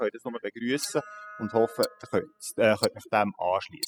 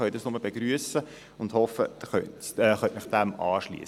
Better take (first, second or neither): second